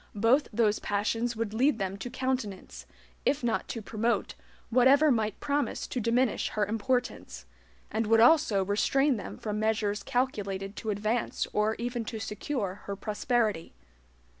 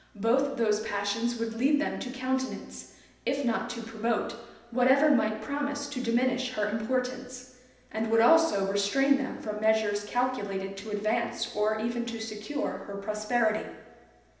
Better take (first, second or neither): first